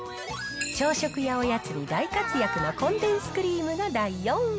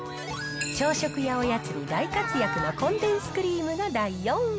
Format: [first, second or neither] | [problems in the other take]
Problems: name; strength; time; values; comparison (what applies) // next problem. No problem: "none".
first | background sound (Bowed string instrument); 14 dB below the speech